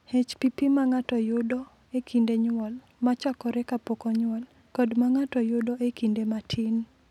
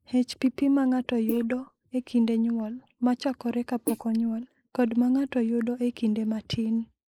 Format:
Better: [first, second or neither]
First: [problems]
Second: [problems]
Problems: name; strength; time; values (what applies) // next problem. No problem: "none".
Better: first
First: none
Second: noise reduction (neural mask model Resemble Enhance denoiser)